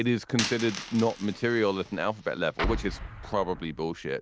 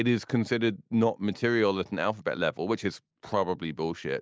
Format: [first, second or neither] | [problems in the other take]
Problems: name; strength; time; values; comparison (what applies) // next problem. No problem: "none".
second | background sound (Explosion + Coin (dropping)); 9 dB below the speech